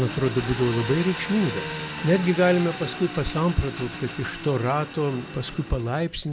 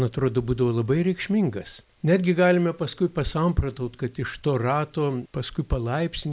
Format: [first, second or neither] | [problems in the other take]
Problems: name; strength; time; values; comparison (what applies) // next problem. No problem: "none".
second | background sound (Engine); 10 dB below the speech